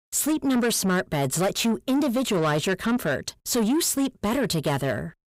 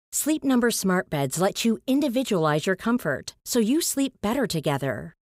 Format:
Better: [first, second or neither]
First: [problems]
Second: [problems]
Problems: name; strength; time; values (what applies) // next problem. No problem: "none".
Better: second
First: distortion; slight; 10 dB below the speech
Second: none